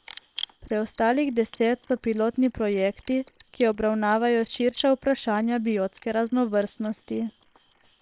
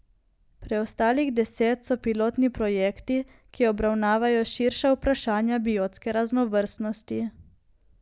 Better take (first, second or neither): second